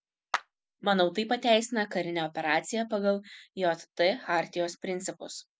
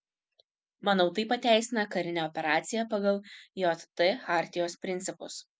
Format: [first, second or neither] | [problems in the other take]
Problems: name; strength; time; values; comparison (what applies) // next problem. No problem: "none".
second | background sound (Clapping); 11 dB below the speech